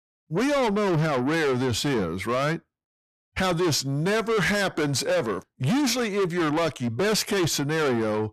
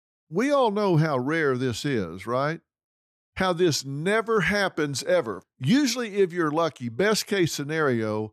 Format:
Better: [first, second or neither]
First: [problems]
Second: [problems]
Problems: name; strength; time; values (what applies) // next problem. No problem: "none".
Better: second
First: distortion; heavy; 6 dB below the speech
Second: none